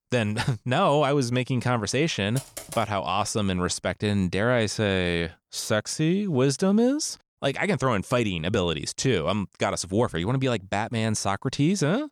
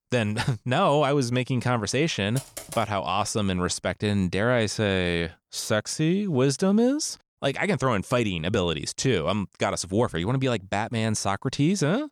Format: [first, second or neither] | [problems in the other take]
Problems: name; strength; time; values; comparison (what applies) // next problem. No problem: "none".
neither | keyboard typing; faint; at 2.5 s; peak 10 dB below the speech; the same in both